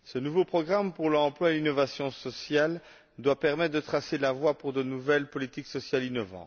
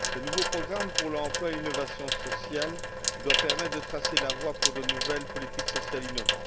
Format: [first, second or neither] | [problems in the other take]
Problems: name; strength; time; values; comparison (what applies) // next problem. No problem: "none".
first | background sound (Sink (filling or washing) / Water tap, faucet); 4 dB above the speech